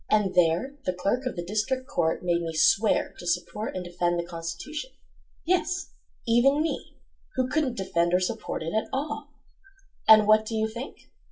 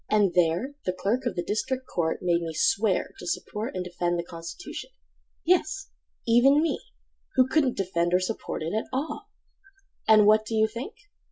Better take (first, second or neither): second